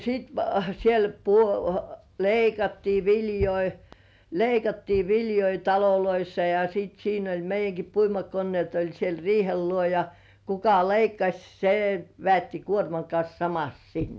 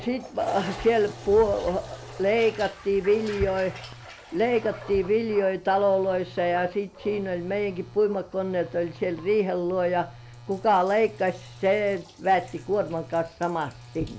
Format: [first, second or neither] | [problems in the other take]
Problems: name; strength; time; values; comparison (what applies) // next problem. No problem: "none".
first | background sound (Telephone + Toilet flush); 17 dB below the speech